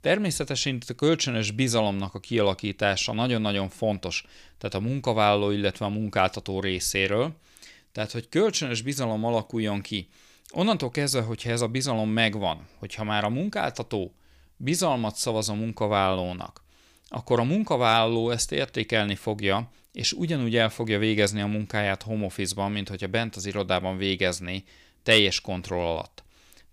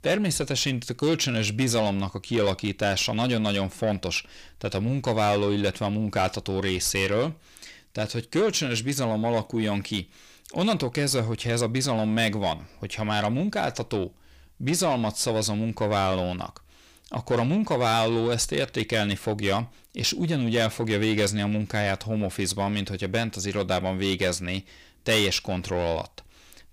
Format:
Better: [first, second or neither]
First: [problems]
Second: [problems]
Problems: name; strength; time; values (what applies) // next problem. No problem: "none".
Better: first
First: none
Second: distortion; slight; 10 dB below the speech